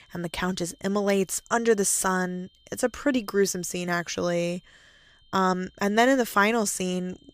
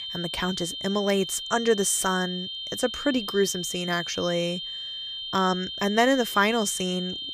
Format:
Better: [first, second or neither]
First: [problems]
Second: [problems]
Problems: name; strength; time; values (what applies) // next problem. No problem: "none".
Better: first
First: high-pitched whine; faint; throughout; 3 kHz, 35 dB below the speech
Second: high-pitched whine; loud; throughout; 3 kHz, 6 dB below the speech